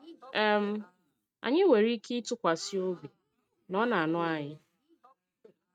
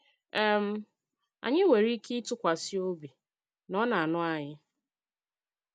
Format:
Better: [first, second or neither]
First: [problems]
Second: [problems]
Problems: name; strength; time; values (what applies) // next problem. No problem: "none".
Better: second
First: noise reduction (neural mask model RNNoise)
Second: none